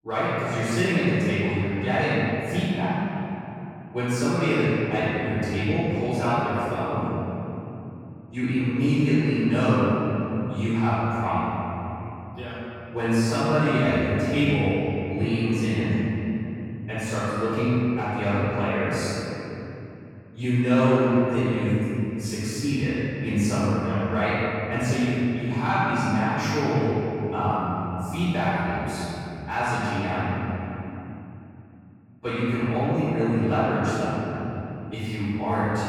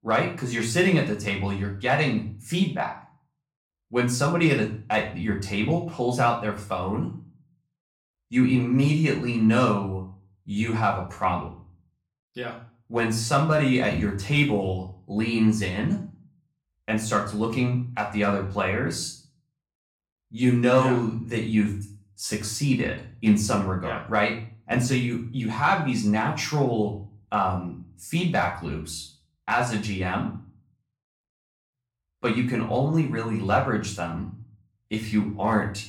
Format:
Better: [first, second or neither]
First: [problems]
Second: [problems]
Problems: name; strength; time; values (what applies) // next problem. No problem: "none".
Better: second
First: room echo; strong; dies away in 3 s // off-mic speech; far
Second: room echo; slight; dies away in 0.4 s // off-mic speech; far